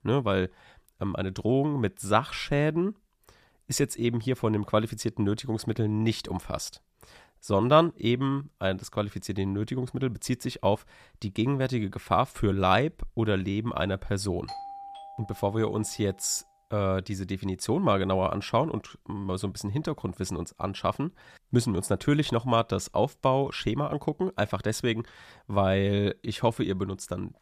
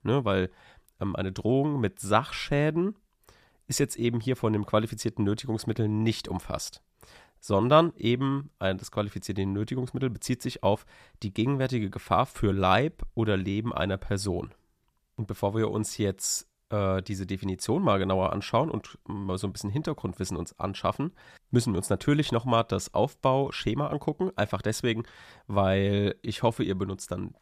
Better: second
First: doorbell; faint; from 14 to 16 s; peak 10 dB below the speech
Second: none

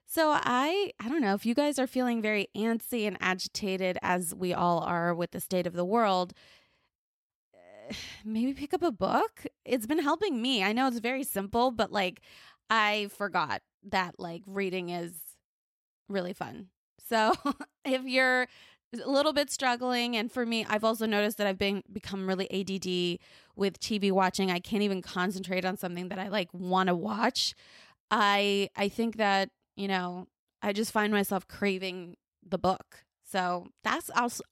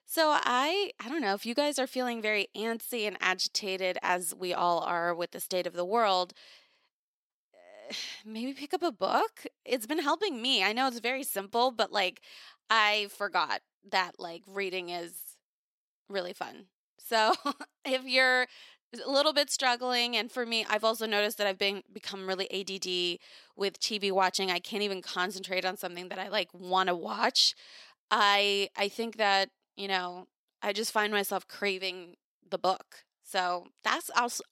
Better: first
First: none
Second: thin; somewhat; fading below 350 Hz

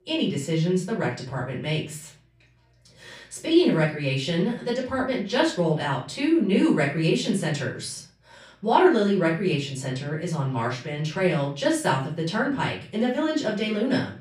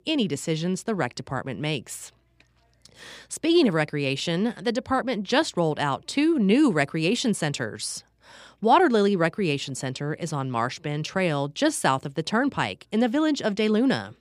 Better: second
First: off-mic speech; far // room echo; slight; dies away in 0.4 s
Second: none

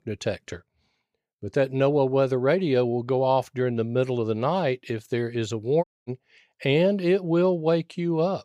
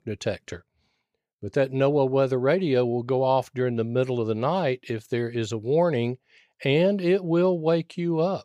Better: second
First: audio cutting out; at 6 s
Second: none

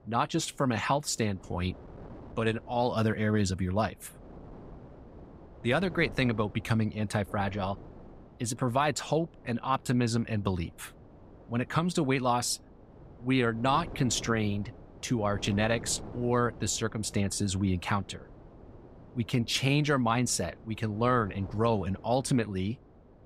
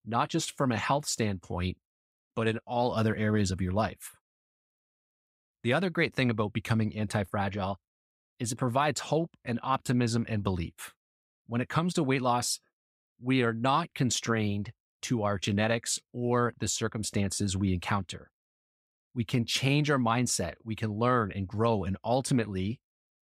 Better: second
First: wind noise on the microphone; occasional gusts; 20 dB below the speech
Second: none

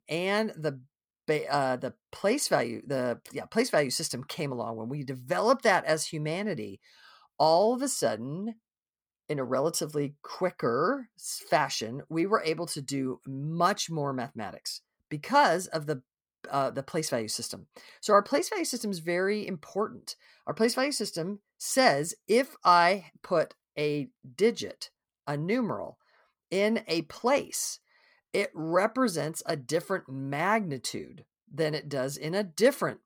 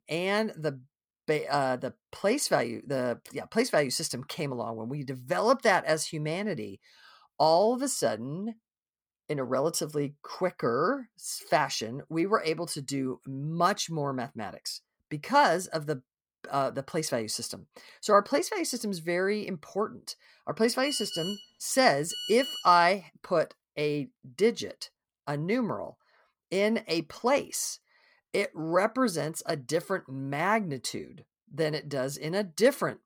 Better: first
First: none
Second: phone ringing; noticeable; from 21 to 23 s; peak 5 dB below the speech

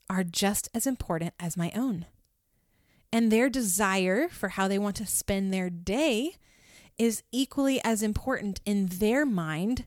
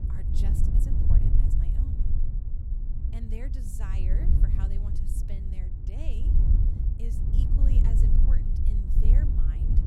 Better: first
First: none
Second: wind noise on the microphone; heavy; 5 dB above the speech

